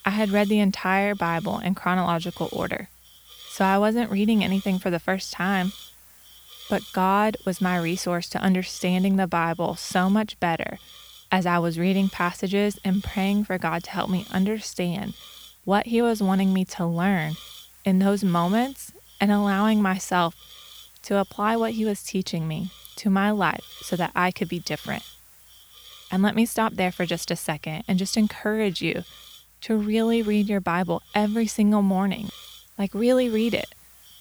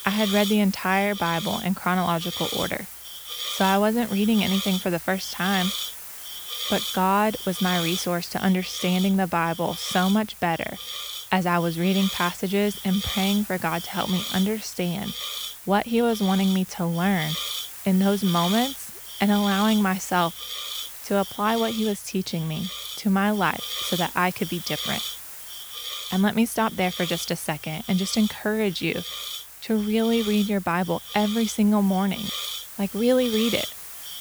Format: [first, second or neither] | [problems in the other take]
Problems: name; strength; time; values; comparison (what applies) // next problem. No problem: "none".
first | hiss; loud; throughout; 7 dB below the speech; faint in the first